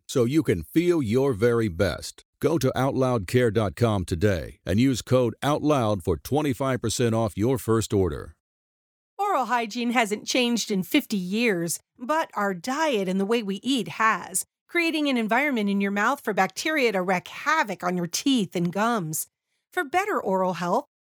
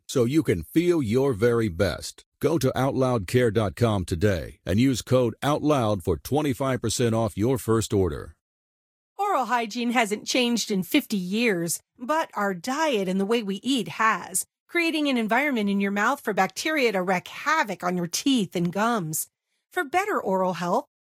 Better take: first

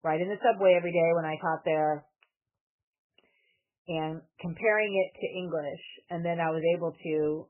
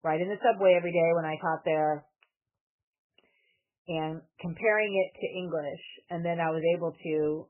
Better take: neither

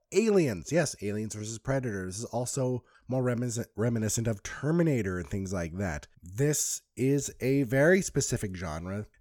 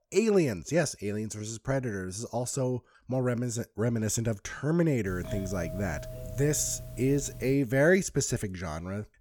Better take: first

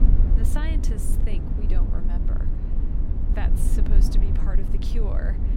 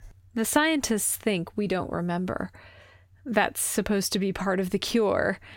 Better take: second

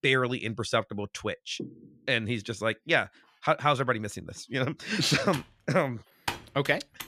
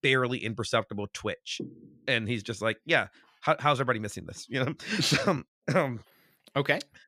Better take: second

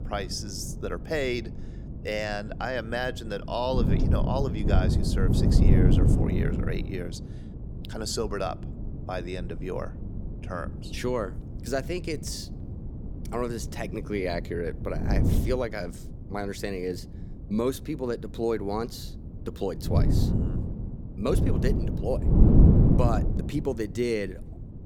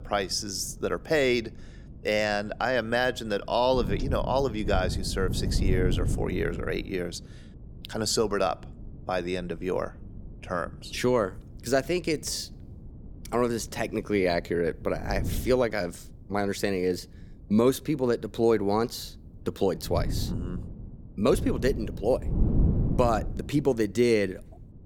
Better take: second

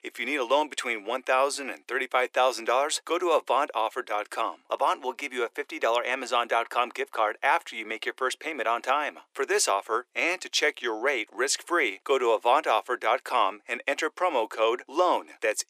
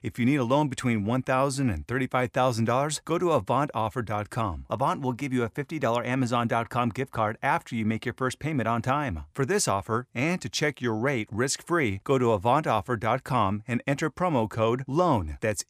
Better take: second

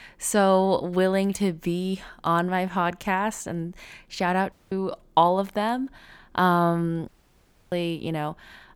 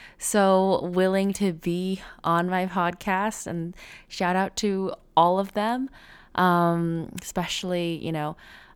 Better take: second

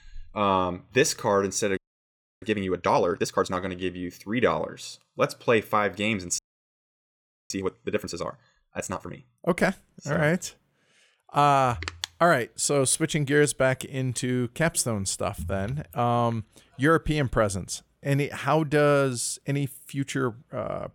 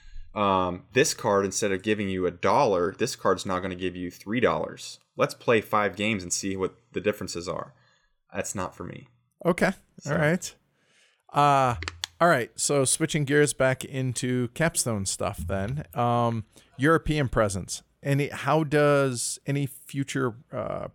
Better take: second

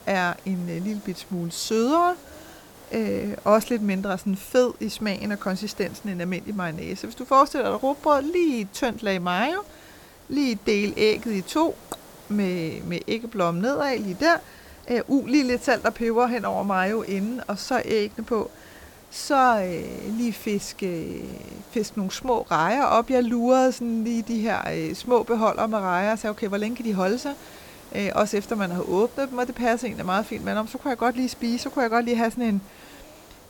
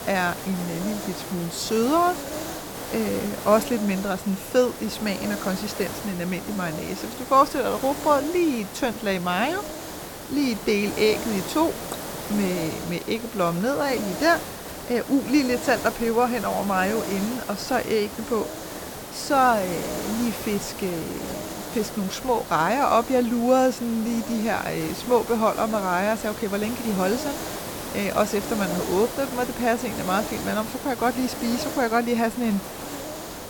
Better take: first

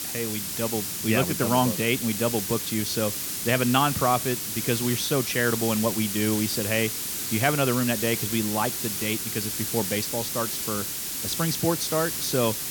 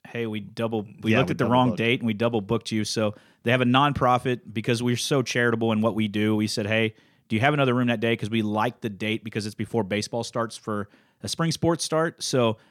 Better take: second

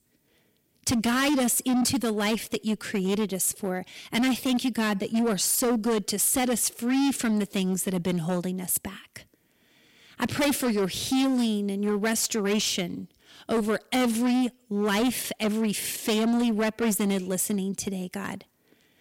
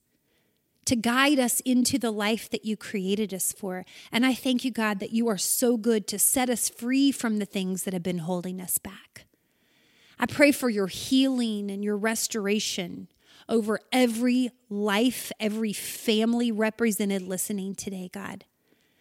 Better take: second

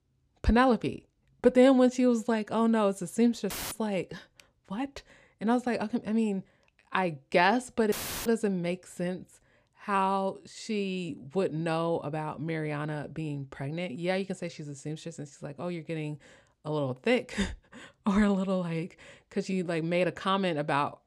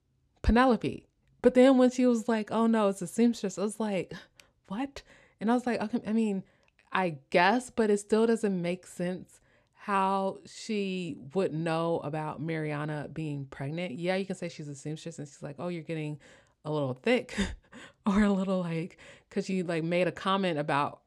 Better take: second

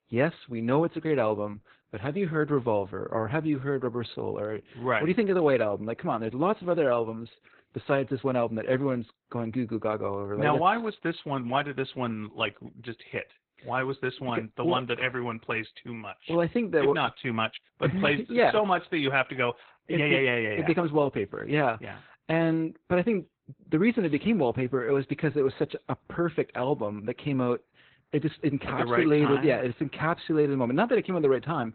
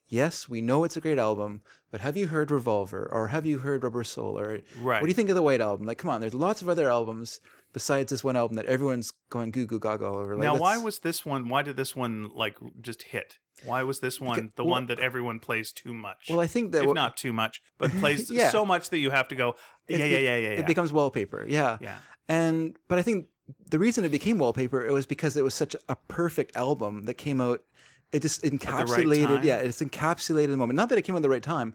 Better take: second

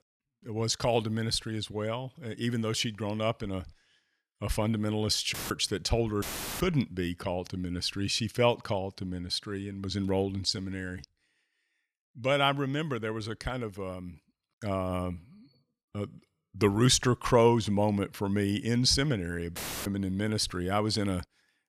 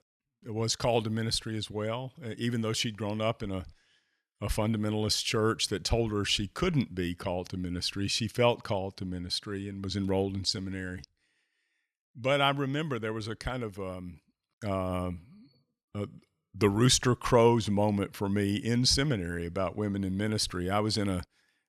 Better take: second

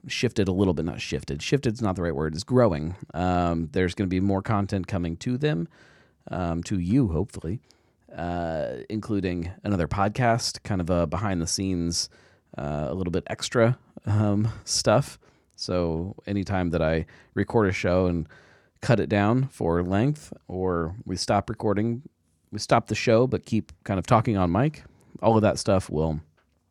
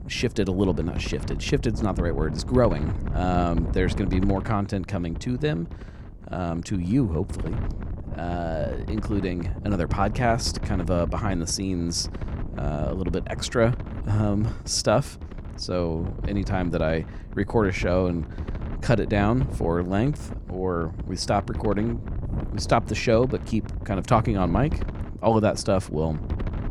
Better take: first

